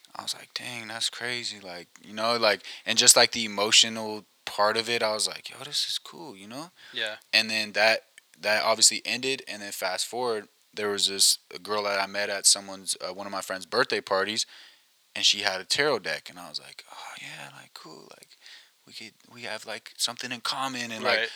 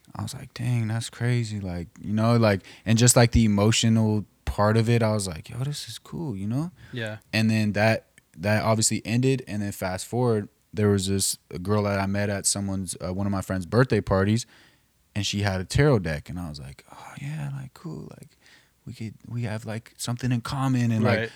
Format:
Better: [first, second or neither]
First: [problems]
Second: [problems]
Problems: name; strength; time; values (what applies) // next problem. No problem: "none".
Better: second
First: thin; very; fading below 550 Hz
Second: none